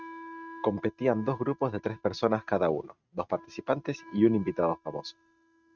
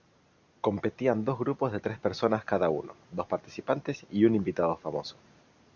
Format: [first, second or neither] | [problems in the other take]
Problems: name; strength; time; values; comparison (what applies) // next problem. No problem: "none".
second | noise reduction (neural mask model RNNoise)